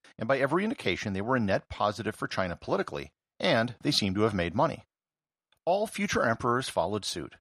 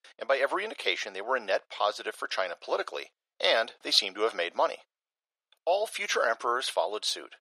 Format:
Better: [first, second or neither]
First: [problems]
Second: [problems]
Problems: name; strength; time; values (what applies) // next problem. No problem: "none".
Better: first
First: none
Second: thin; very; fading below 450 Hz